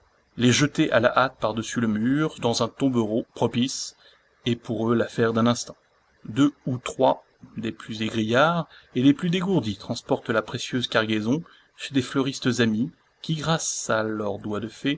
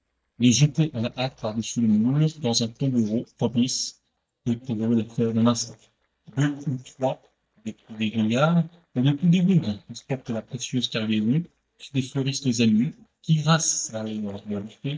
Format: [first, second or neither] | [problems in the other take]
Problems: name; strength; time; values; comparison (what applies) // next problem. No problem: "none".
first | noise reduction (neural mask model DeepFilterNet 3)